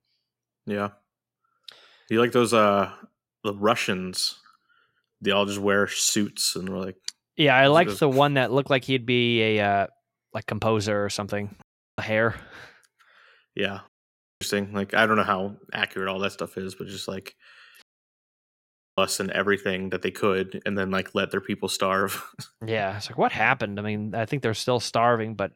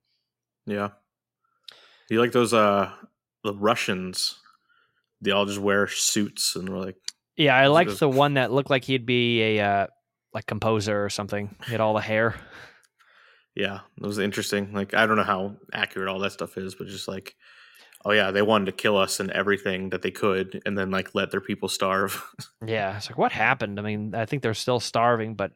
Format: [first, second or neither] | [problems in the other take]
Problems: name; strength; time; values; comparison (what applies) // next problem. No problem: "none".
second | audio cutting out; at 12 s, at 14 s for 0.5 s and at 18 s for 1 s